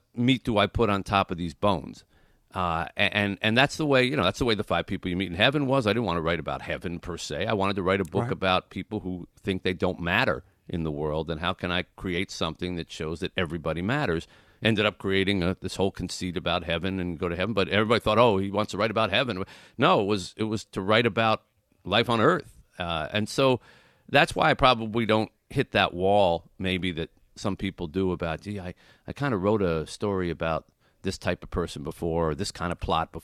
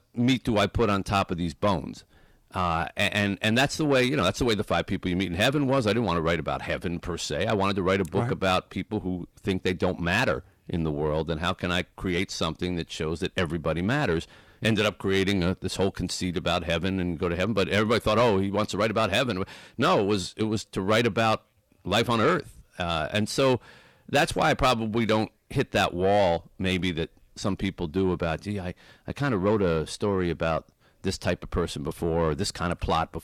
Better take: first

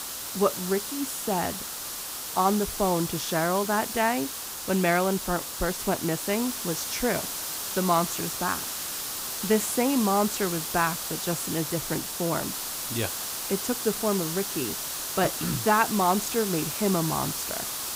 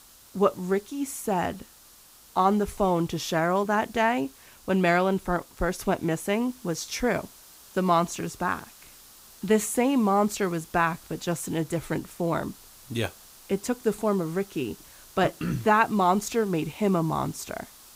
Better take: second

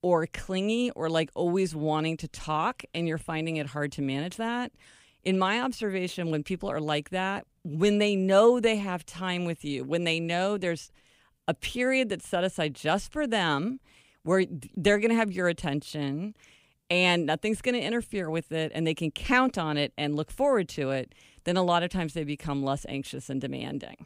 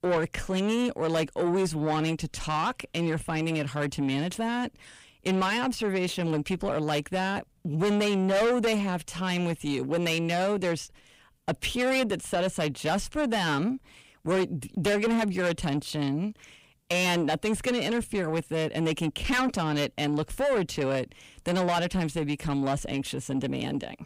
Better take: first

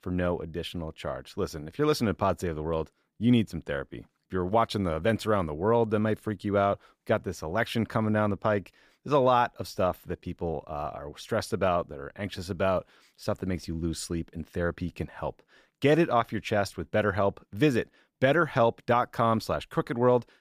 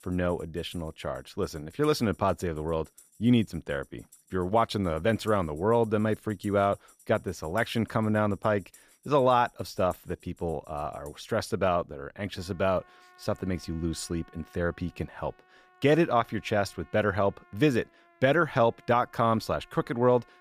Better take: first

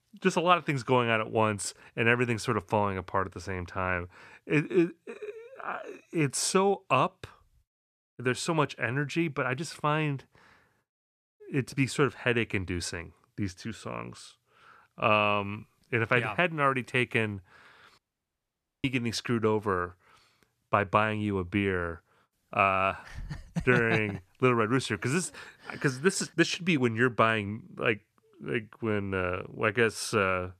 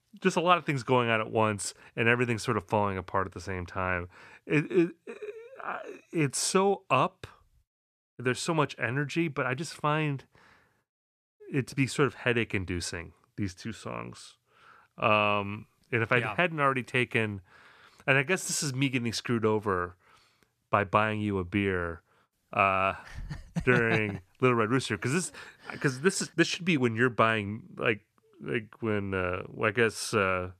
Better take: second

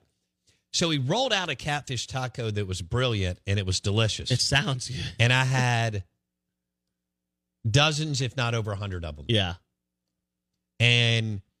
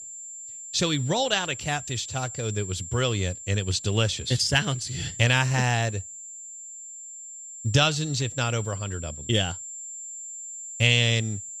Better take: first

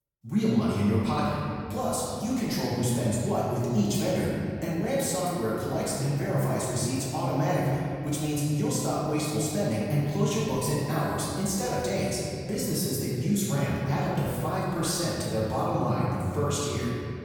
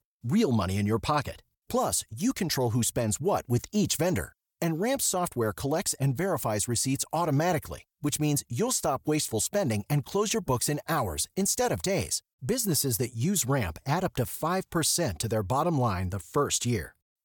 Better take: second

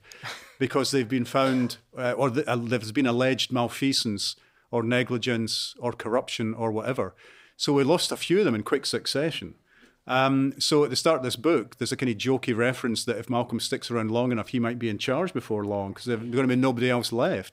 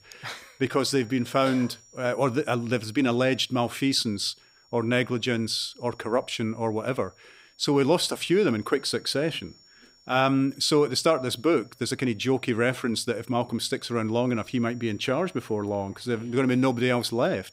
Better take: first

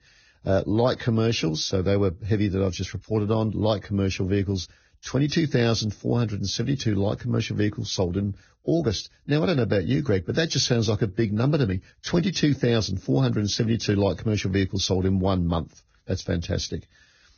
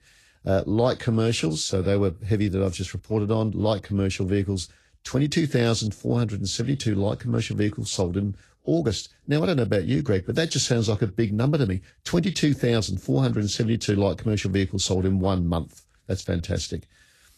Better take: second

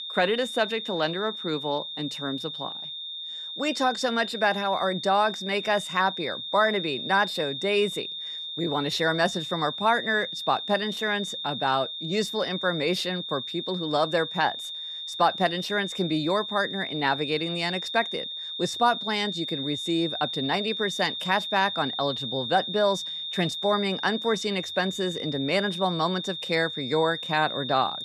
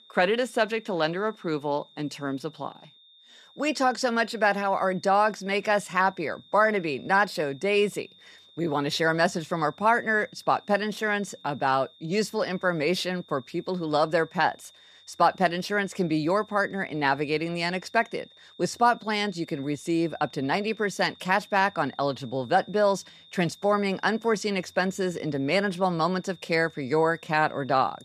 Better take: second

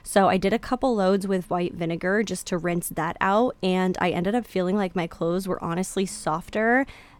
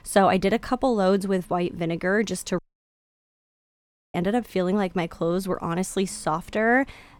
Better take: first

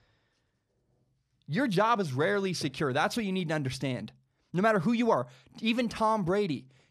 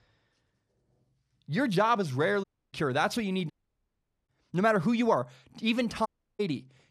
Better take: first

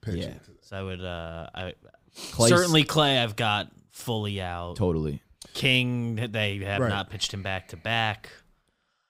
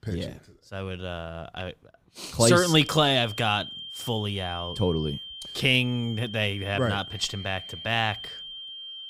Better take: first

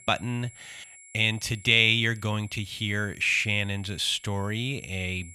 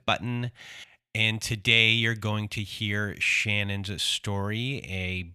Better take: second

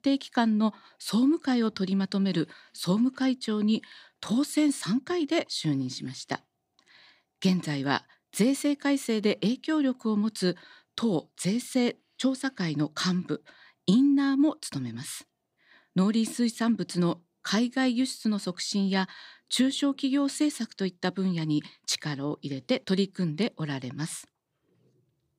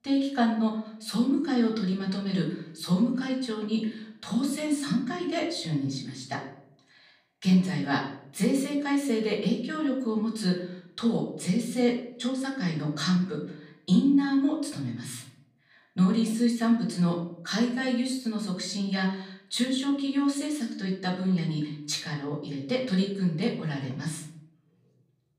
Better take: first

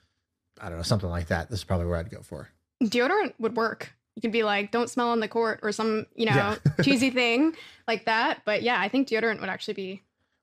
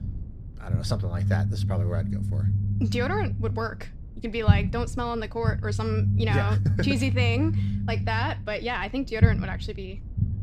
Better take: first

